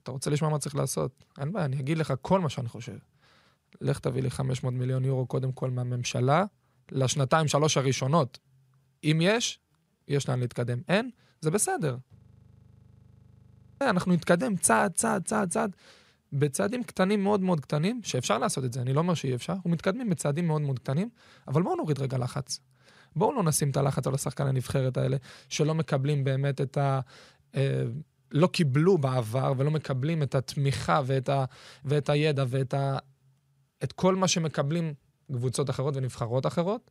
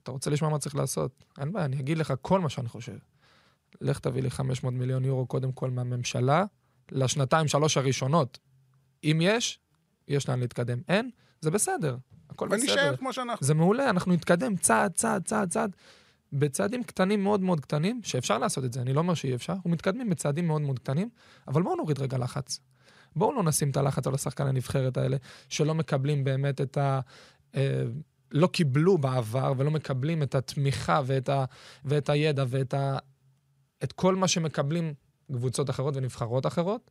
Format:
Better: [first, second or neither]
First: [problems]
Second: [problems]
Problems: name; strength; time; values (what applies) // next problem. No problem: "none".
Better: second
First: audio freezing; at 12 s for 1.5 s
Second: none